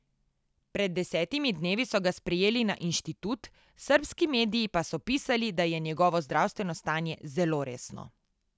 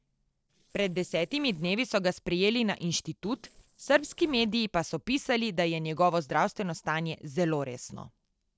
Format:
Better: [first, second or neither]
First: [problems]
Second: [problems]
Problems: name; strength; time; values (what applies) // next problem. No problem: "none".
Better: first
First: none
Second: noise reduction (neural separator model SepFormer DNS4)